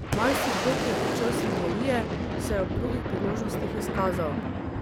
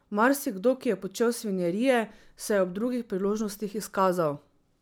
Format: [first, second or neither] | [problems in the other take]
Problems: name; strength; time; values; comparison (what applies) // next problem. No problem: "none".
second | background sound (Boom); 2 dB above the speech